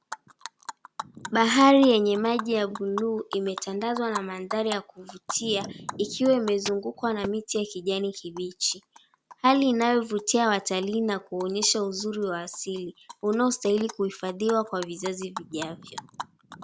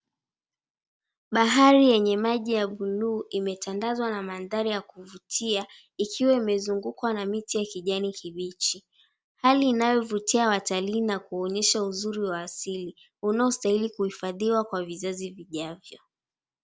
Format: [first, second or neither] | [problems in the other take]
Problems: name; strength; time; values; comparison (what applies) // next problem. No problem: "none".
second | background sound (Animal); 15 dB below the speech